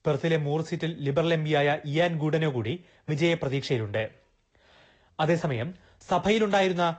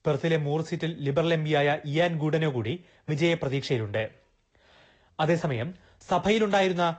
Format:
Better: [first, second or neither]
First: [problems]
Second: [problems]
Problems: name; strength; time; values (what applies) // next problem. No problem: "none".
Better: neither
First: garbled, watery; slightly; nothing above 7.5 kHz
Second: garbled, watery; slightly; nothing above 7.5 kHz